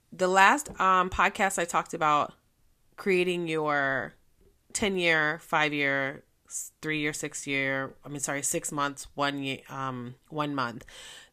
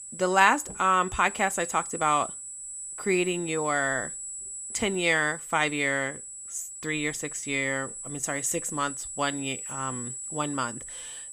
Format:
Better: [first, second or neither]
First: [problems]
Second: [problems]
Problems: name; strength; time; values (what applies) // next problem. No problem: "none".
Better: first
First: none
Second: high-pitched whine; loud; throughout; 8 kHz, 8 dB below the speech